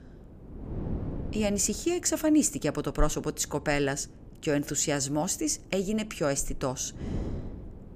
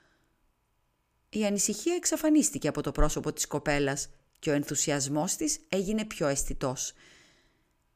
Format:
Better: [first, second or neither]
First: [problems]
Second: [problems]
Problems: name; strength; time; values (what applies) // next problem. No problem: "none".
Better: second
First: wind noise on the microphone; occasional gusts; 20 dB below the speech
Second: none